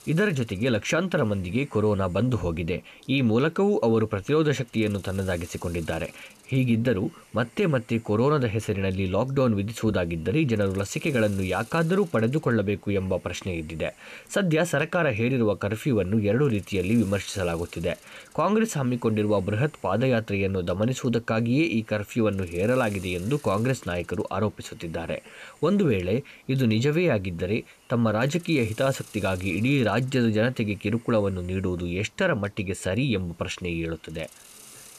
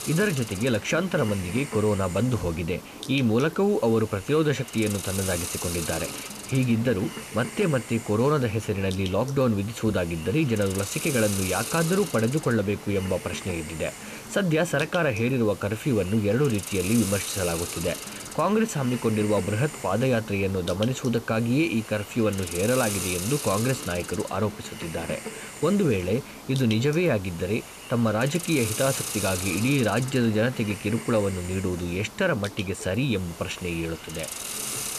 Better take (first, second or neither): first